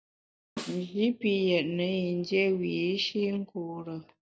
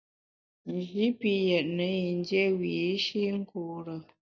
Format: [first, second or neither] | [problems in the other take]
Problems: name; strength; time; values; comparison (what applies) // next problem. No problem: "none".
second | background sound (Snare drum); 16 dB below the speech